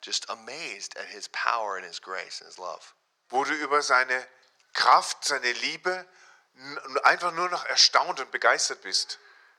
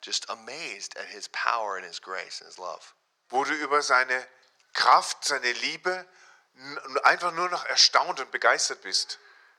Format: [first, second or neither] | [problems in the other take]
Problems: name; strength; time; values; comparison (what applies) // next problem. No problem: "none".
neither | thin; very; fading below 550 Hz; the same in both